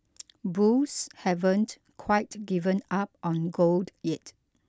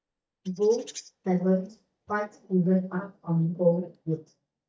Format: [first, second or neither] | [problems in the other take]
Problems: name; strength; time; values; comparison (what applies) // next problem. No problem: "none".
first | noise reduction (neural mask model DeepFilterNet 3)